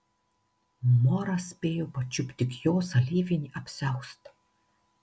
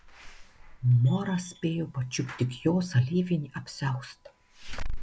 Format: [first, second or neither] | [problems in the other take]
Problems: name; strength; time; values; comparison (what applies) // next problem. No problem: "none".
first | background sound (Slam / Alarm); 10 dB below the speech